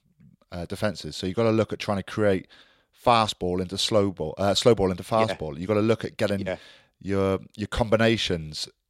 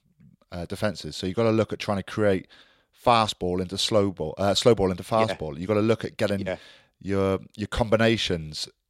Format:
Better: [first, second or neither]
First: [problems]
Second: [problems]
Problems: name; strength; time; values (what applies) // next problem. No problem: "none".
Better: neither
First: none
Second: none